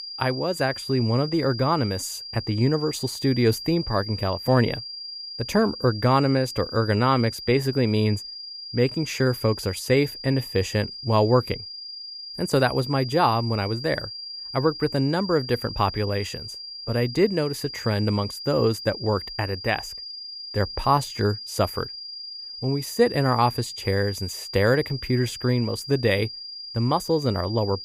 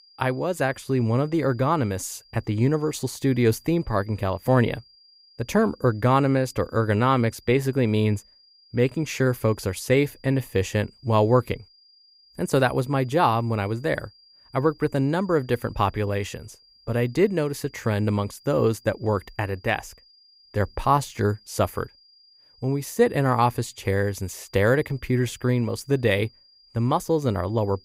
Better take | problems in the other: second | high-pitched whine; loud; throughout; 5 kHz, 10 dB below the speech; faint in the second

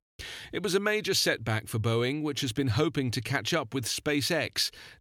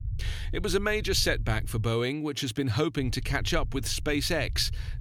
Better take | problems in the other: first | low rumble; faint; until 2 s and from 3 s on; 25 dB below the speech

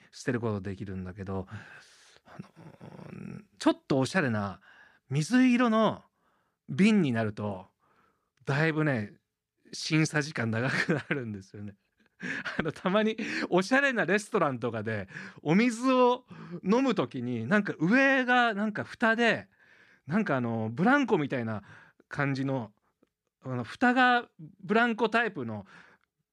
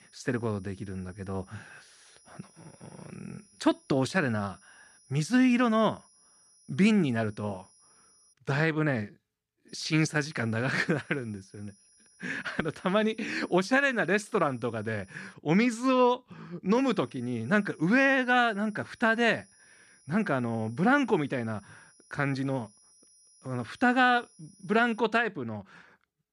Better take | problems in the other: first | high-pitched whine; faint; until 8.5 s, from 9.5 to 15 s and from 17 to 25 s; 10 kHz, 30 dB below the speech

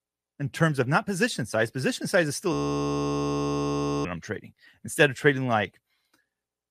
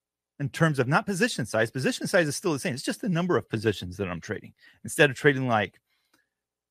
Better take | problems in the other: second | audio freezing; at 2.5 s for 1.5 s

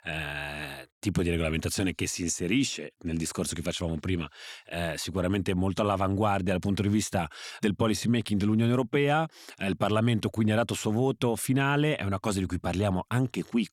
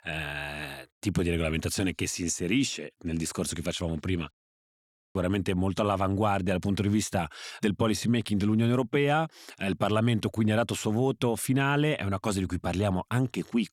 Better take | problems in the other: first | audio cutting out; at 4.5 s for 1 s

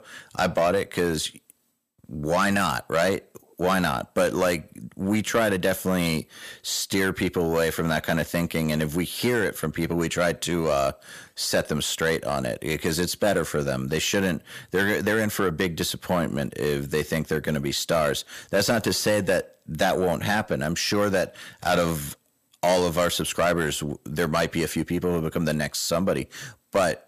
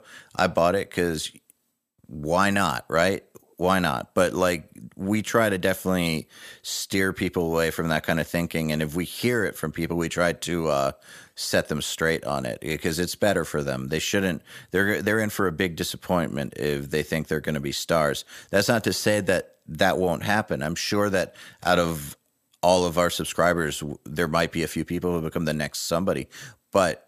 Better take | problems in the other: second | distortion; slight; 10 dB below the speech

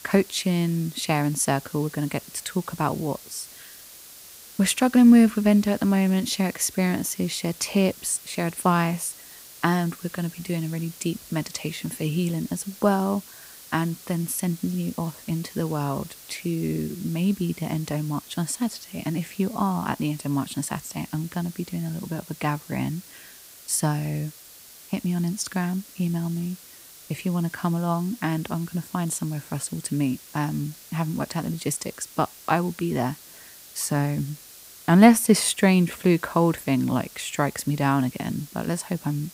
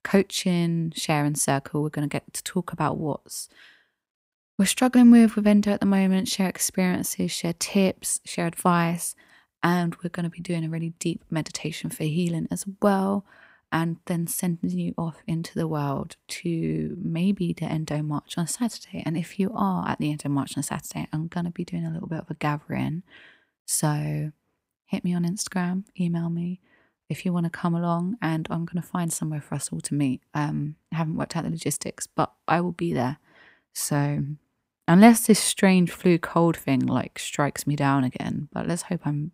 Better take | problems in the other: second | hiss; noticeable; throughout; 20 dB below the speech

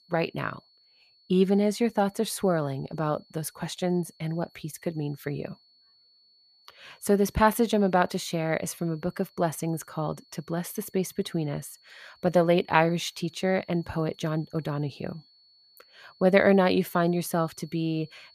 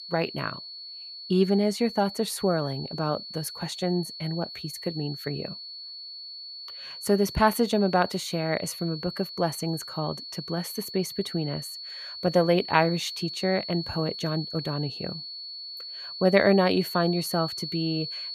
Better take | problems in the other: first | high-pitched whine; loud; throughout; 4.5 kHz, 9 dB below the speech; faint in the first

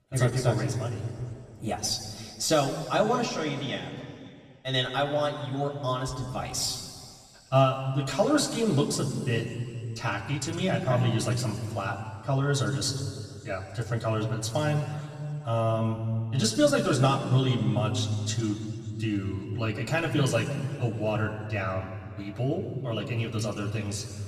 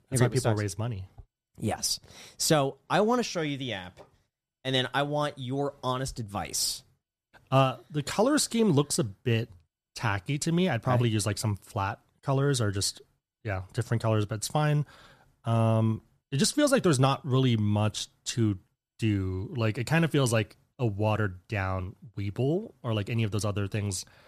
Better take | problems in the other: second | room echo; slight; dies away in 2.3 s // off-mic speech; somewhat distant

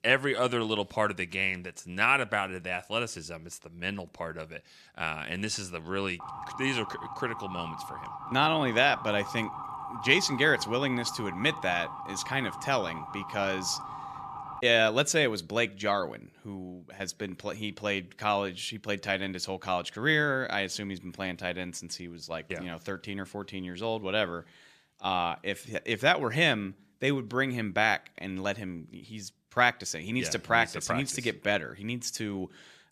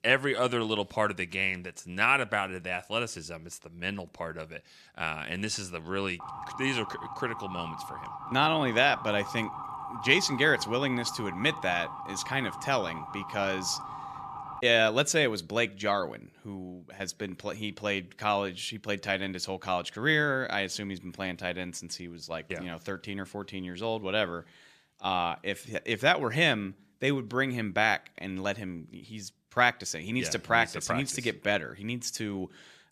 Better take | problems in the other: neither | siren; noticeable; from 6 to 15 s; peak 9 dB below the speech; the same in both

